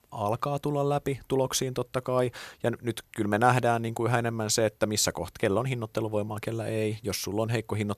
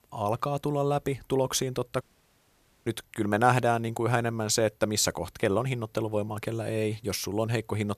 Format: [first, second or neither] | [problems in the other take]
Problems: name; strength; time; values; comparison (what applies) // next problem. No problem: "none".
first | audio cutting out; at 2 s for 1 s